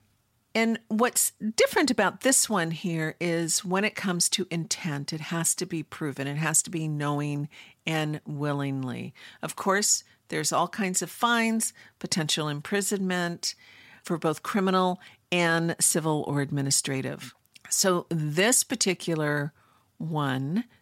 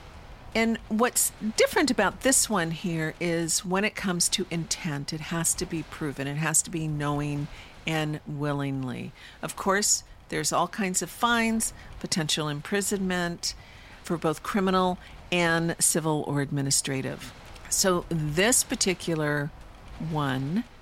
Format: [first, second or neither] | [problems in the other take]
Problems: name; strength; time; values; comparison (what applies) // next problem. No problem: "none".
first | wind noise on the microphone; occasional gusts; 25 dB below the speech